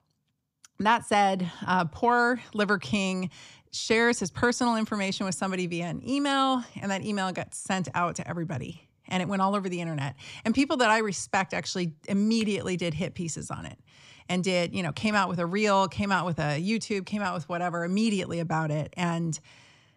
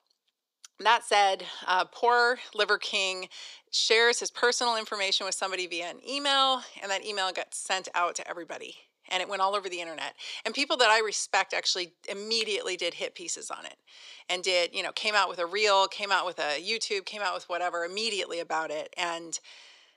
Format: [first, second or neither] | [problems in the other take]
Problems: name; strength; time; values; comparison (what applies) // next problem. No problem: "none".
first | thin; very; fading below 400 Hz